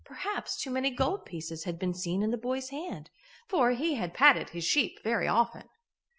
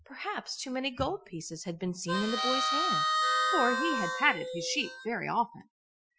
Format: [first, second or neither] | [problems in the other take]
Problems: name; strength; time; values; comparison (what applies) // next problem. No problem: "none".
first | noise reduction (classical method Wiener filter)